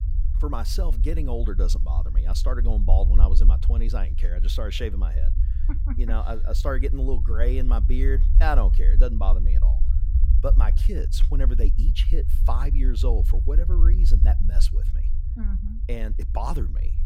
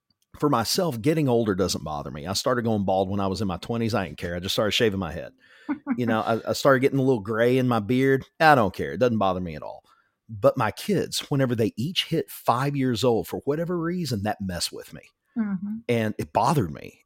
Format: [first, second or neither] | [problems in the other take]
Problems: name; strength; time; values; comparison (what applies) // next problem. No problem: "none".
second | low rumble; noticeable; throughout; 10 dB below the speech